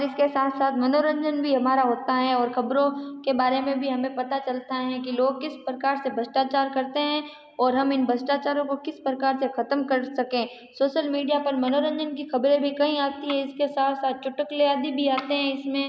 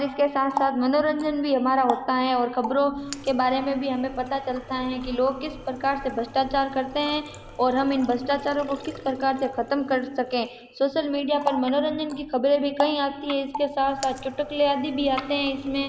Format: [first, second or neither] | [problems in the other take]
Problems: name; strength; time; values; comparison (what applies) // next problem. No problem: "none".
first | background sound (Water tap, faucet); 14 dB below the speech